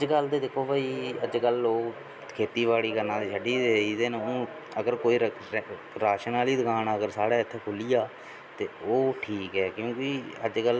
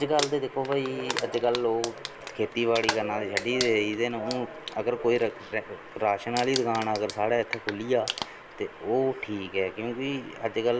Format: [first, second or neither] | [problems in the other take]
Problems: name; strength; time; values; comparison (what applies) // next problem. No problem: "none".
first | background sound (Crumpling, crinkling); 11 dB below the speech